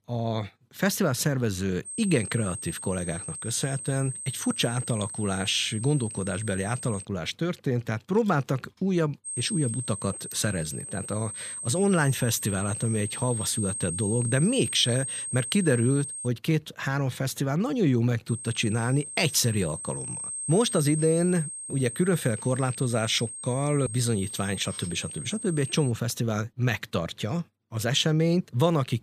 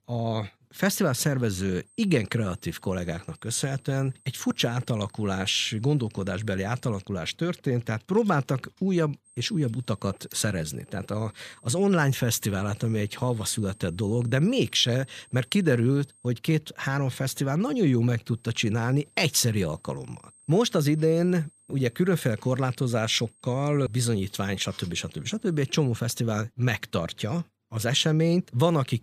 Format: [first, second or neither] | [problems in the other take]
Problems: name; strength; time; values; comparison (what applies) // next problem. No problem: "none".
second | high-pitched whine; loud; from 2 to 7 s, from 9.5 to 16 s and from 18 to 26 s; 8.5 kHz, 7 dB below the speech; faint in the second